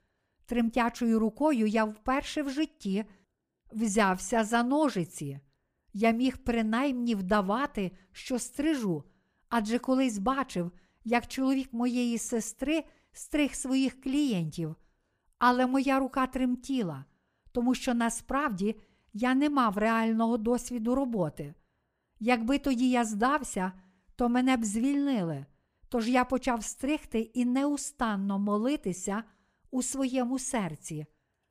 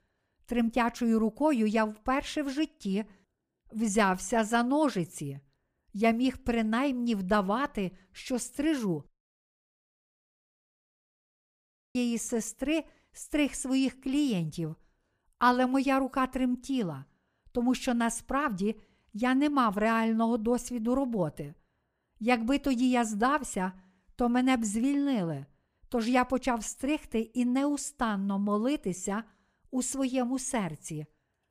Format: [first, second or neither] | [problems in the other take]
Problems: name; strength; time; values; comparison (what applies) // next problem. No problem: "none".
first | audio cutting out; at 9 s for 3 s